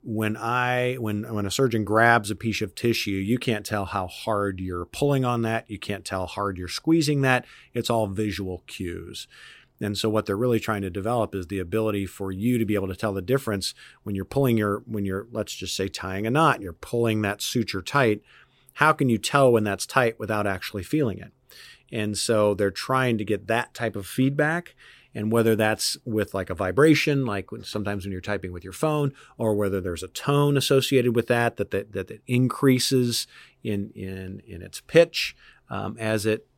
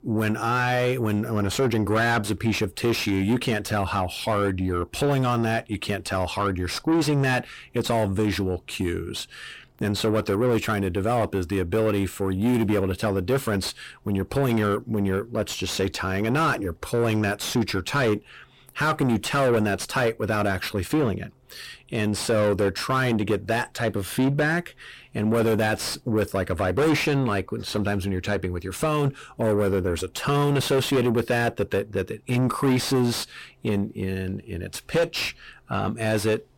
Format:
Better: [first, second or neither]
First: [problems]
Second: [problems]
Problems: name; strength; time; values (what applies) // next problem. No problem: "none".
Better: first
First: none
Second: distortion; heavy; 6 dB below the speech